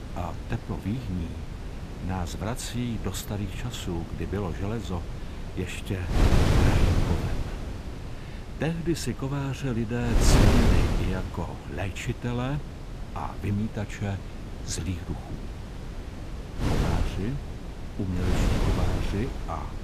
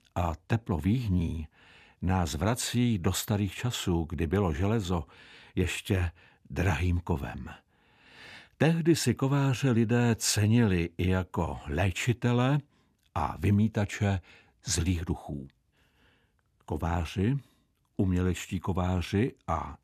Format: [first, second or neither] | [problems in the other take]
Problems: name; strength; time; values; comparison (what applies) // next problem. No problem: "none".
second | wind noise on the microphone; heavy; 1 dB below the speech